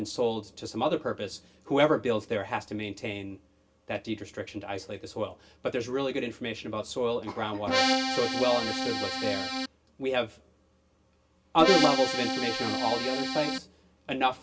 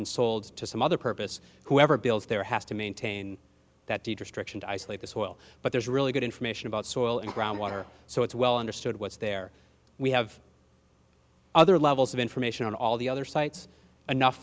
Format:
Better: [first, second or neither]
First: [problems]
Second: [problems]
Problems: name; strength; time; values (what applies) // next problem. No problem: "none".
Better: second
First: background sound (Accordion); 2 dB above the speech // room echo; dies away in 0.2 s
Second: none